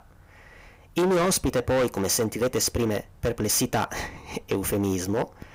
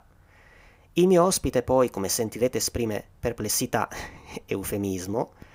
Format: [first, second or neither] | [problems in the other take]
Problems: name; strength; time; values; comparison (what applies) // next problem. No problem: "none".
second | distortion; heavy; 12% of the sound clipped